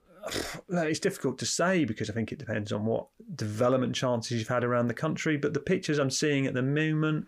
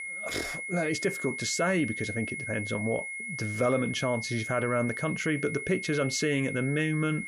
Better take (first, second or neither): first